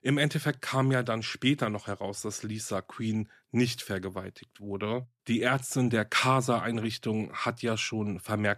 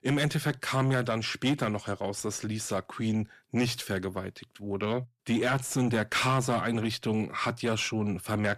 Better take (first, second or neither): first